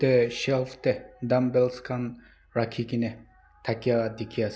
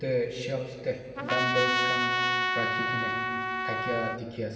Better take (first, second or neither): first